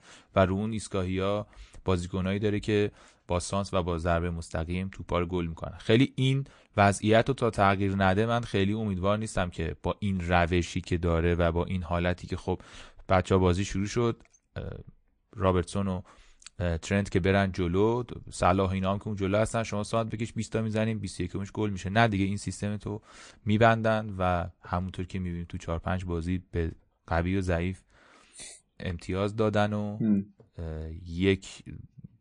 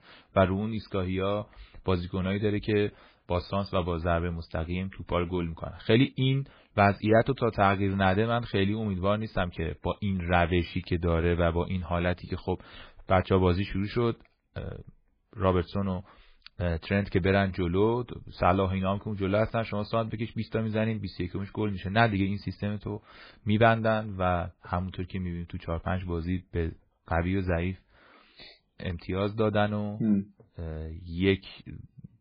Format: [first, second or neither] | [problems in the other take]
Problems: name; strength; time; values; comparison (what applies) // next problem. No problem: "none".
first | garbled, watery; badly; slightly in the first